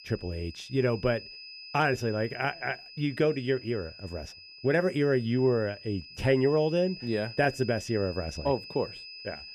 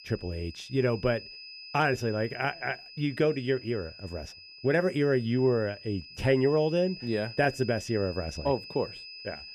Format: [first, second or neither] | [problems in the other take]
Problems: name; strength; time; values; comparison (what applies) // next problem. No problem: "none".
neither | high-pitched whine; noticeable; throughout; 5 kHz, 15 dB below the speech; the same in both